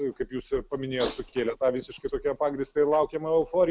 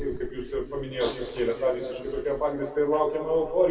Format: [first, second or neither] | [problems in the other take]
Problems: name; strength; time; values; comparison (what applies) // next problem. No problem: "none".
first | background sound (Thump, thud); 19 dB below the speech // room echo; dies away in 2.2 s